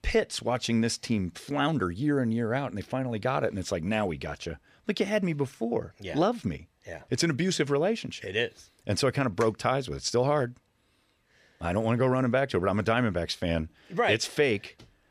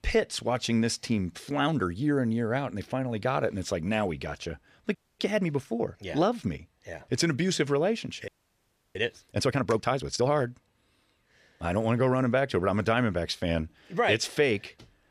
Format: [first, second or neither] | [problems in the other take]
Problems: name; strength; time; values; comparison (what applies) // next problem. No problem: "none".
first | audio freezing; at 5 s and at 8.5 s for 0.5 s